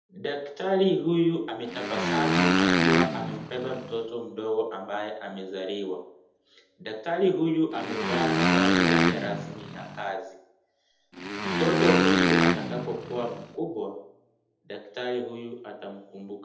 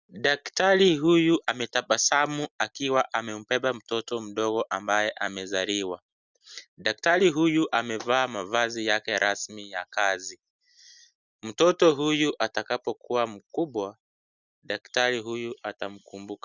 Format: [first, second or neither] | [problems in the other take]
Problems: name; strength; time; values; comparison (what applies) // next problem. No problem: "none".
second | background sound (Motorcycle); 4 dB above the speech // room echo; dies away in 0.7 s